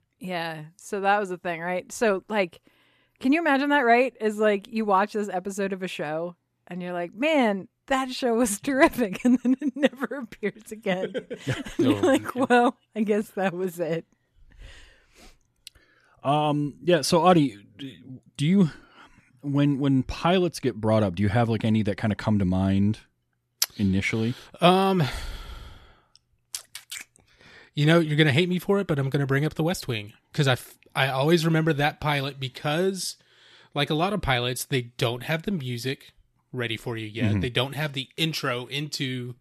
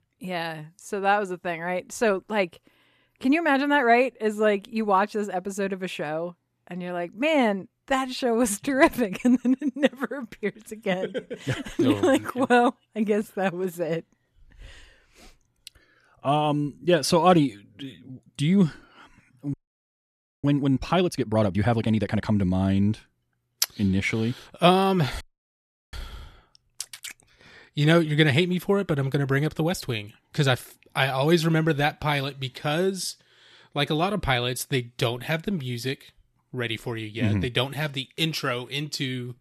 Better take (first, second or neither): first